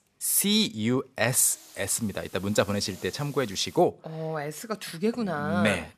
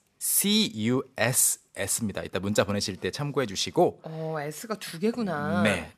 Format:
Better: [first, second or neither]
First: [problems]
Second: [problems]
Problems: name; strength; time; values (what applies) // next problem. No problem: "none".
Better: second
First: hiss; faint; from 1.5 to 4 s; 20 dB below the speech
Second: none